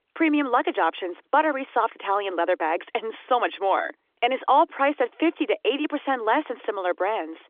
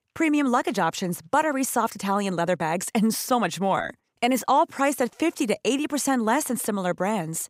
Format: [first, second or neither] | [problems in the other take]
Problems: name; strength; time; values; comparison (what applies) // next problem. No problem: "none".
second | phone-call audio; nothing above 3.5 kHz